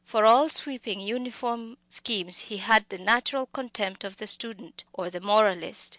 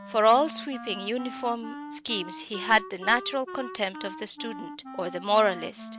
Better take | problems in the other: first | background sound (Wind instrument, woodwind instrument); 13 dB below the speech

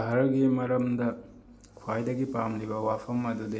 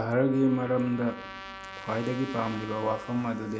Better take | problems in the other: first | background sound (Trumpet); 14 dB below the speech

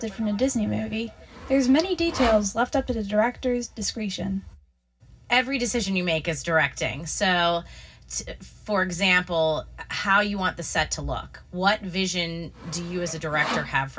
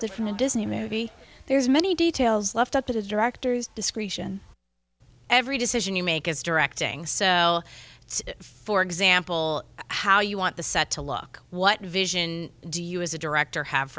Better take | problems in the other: second | background sound (Sawing); 11 dB below the speech // room echo; dies away in 0.4 s

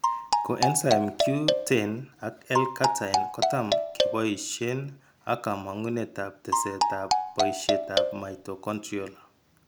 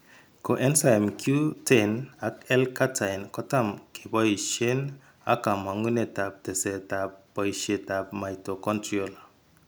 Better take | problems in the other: second | background sound (Marimba, xylophone); 3 dB above the speech

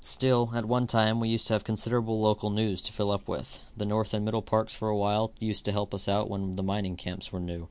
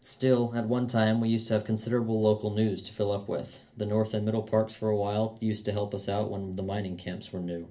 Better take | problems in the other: first | room echo; dies away in 0.3 s

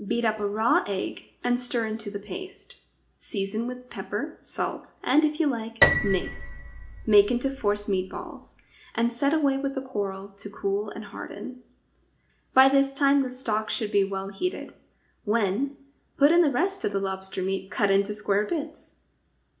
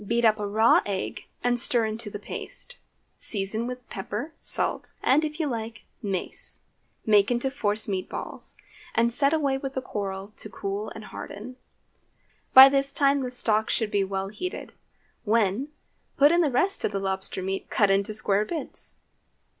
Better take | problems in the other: second | background sound (Piano); 3 dB below the speech // room echo; dies away in 0.4 s

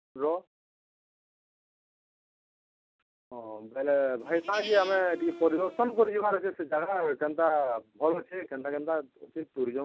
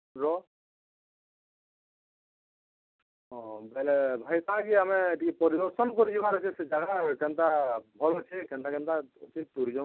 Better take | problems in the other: second | background sound (Livestock, farm animals, working animals); 13 dB below the speech

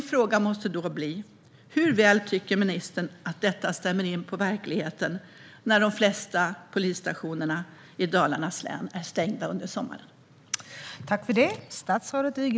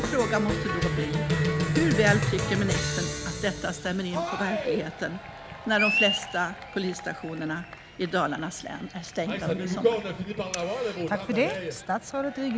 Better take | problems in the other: first | background sound (Cheering); as loud as the speech

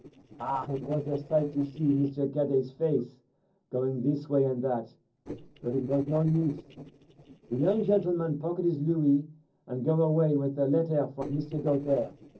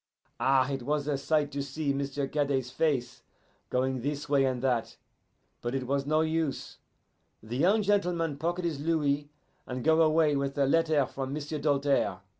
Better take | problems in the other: second | noise reduction (neural separator model SepFormer DNS4)

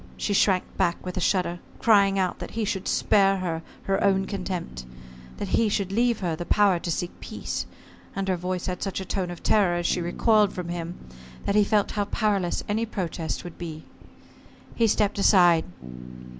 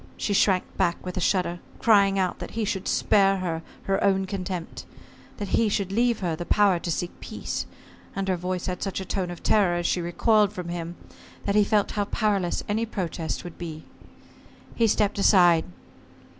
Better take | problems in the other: second | background sound (Bass guitar); 19 dB below the speech

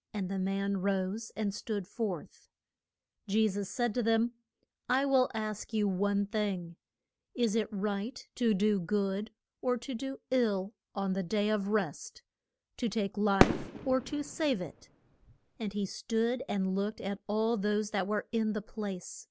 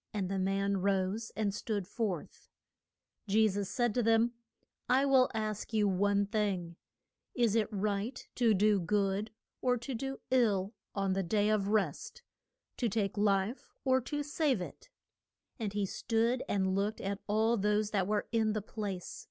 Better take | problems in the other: second | background sound (Fireworks); 2 dB below the speech

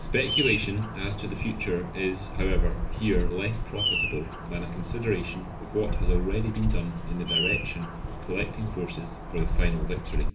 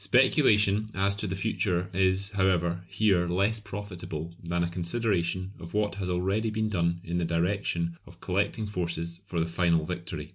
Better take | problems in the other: second | background sound (Bird vocalization, bird call, bird song); 2 dB above the speech // room echo; dies away in 0.3 s

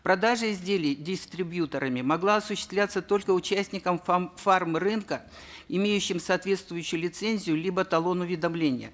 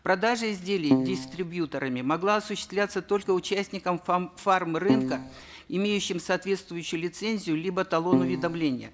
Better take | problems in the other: first | background sound (Keyboard (musical)); 1 dB above the speech

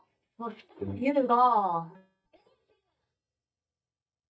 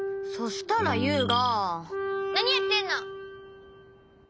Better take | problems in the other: second | noise reduction (neural mask model DeepFilterNet 3)

